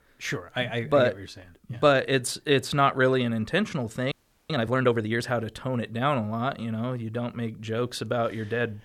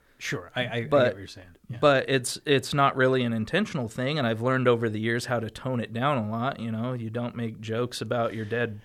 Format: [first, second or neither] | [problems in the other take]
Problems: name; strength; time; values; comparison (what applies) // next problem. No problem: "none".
second | audio freezing; at 4 s